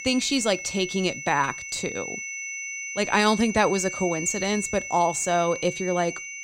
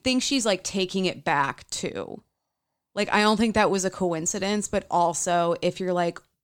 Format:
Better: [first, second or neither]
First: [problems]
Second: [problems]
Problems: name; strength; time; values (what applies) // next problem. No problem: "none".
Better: second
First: high-pitched whine; loud; throughout; 2 kHz, 8 dB below the speech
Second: none